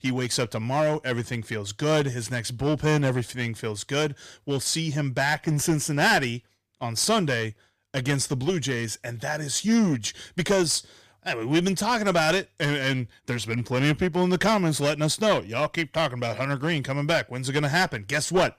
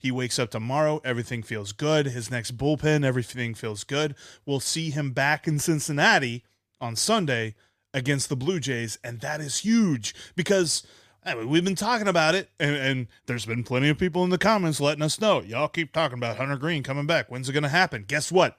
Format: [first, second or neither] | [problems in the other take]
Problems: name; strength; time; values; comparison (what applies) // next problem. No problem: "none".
second | distortion; slight; 5% of the sound clipped